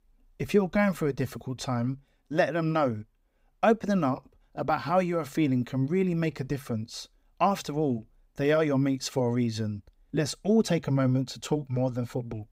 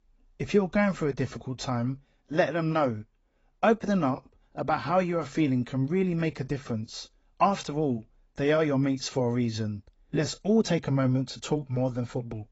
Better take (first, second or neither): first